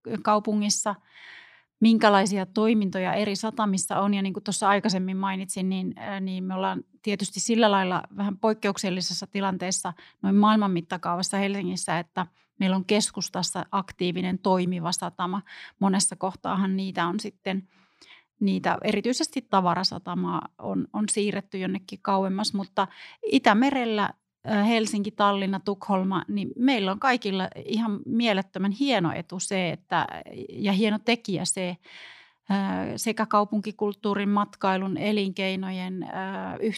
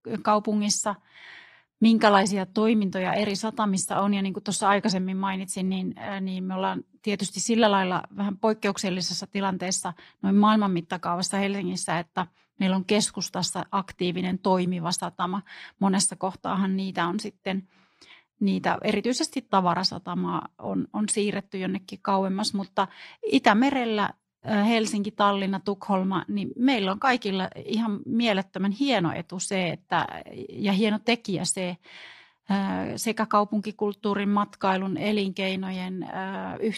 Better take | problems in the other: first | garbled, watery; slightly

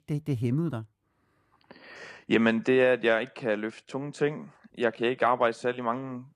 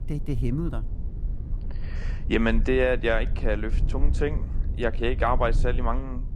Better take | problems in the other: first | low rumble; noticeable; throughout; 20 dB below the speech

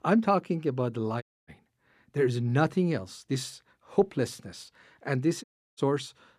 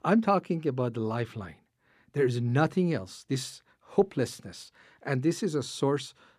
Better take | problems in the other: second | audio cutting out; at 1 s and at 5.5 s

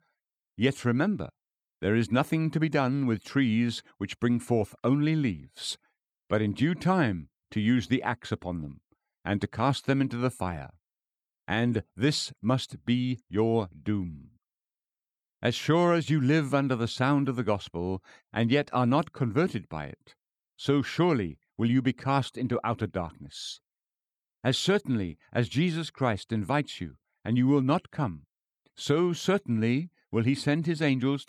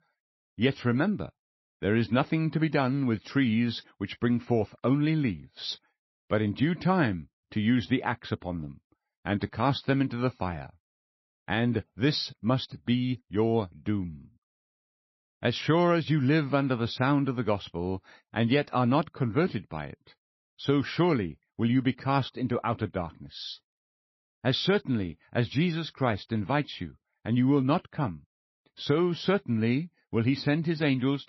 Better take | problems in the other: first | garbled, watery; slightly; nothing above 5.5 kHz

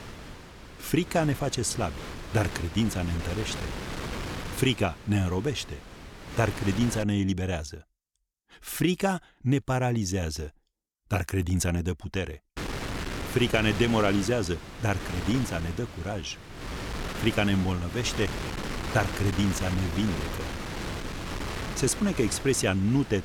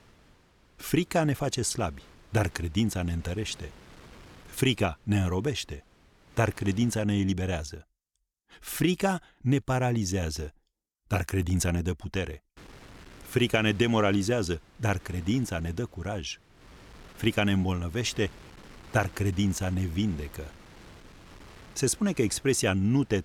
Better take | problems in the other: second | wind noise on the microphone; heavy; until 7 s and from 13 s on; 7 dB below the speech; occasional gusts in the second

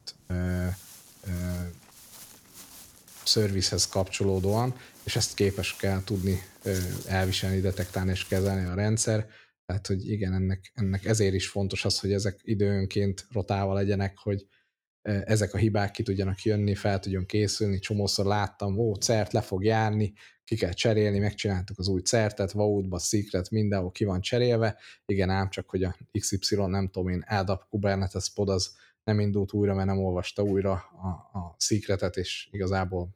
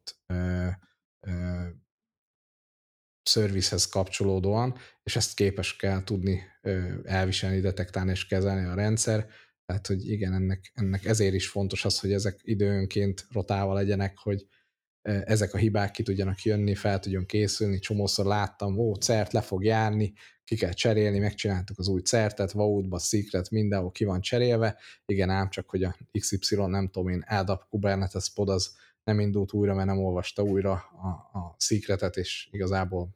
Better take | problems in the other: second | footsteps; faint; until 8.5 s; peak 10 dB below the speech

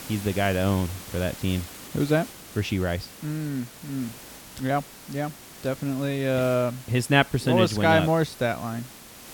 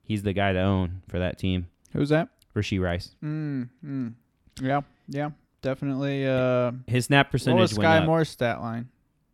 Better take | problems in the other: second | hiss; noticeable; throughout; 15 dB below the speech

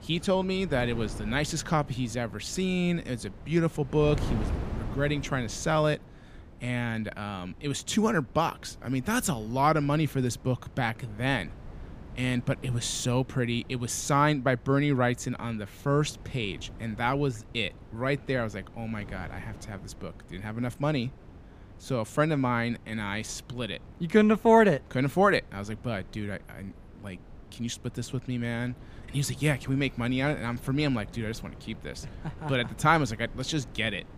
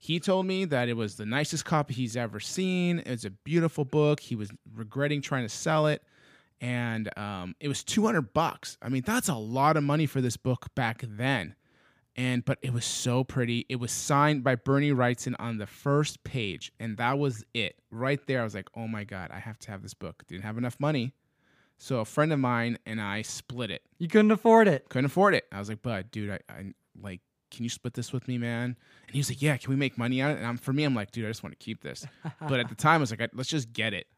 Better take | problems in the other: second | wind noise on the microphone; occasional gusts; 20 dB below the speech

